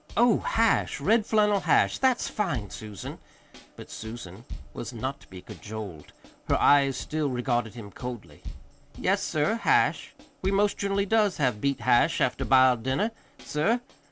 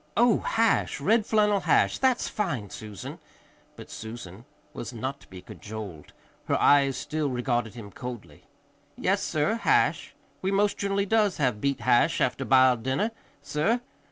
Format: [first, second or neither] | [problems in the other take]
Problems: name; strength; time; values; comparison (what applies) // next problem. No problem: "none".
second | background sound (Bass drum / Snare drum / Drum kit); 15 dB below the speech